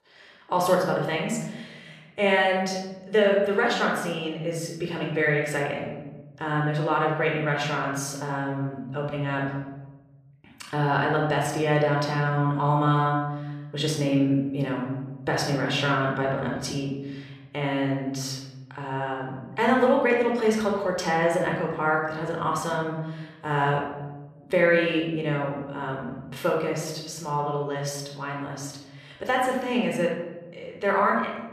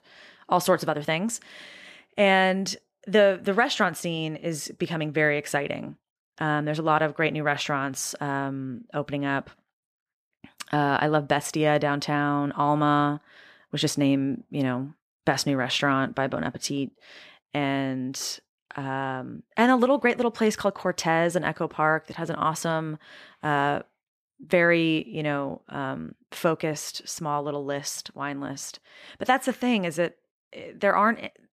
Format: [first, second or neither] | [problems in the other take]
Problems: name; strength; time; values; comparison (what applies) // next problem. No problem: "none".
second | off-mic speech; somewhat distant // room echo; noticeable; dies away in 1.2 s